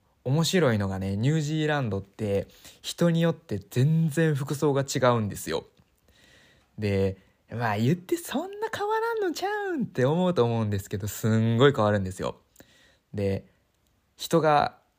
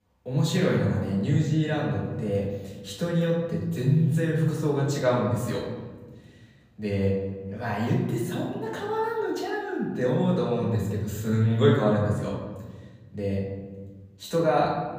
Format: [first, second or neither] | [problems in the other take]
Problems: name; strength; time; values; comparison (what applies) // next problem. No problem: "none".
first | off-mic speech; far // room echo; noticeable; dies away in 1.6 s